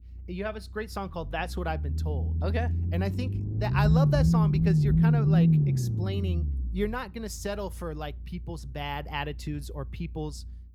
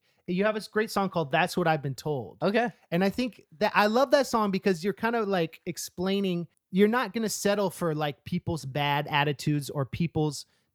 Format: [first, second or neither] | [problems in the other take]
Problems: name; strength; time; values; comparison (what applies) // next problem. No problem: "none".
second | low rumble; loud; throughout; as loud as the speech